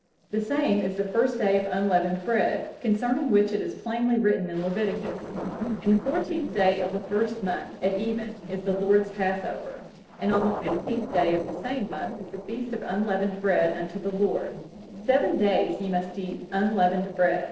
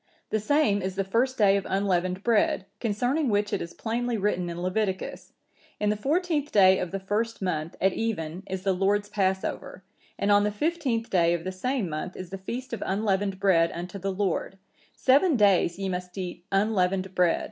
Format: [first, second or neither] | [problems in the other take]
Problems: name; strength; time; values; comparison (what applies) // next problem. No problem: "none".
second | noise reduction (neural separator model SepFormer DNS4)